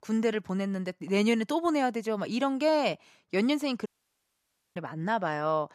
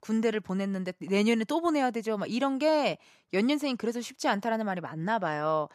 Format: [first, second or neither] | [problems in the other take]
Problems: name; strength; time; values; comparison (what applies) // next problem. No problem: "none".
second | audio cutting out; at 4 s for 1 s